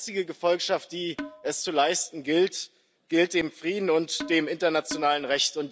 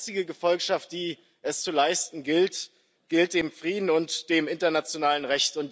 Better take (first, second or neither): second